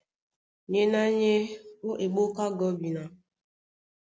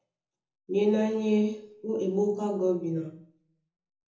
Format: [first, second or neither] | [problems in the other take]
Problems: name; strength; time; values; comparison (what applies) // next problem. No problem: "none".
first | room echo; dies away in 0.6 s